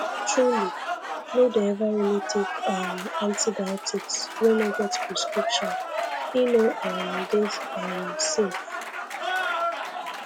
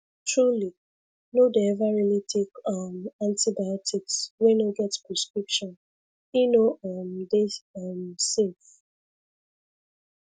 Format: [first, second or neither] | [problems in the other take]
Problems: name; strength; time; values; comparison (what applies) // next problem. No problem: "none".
second | background sound (Applause / Cheering); 4 dB below the speech